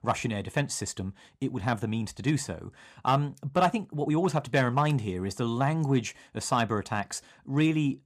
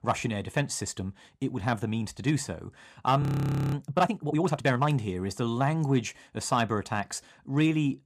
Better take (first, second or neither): first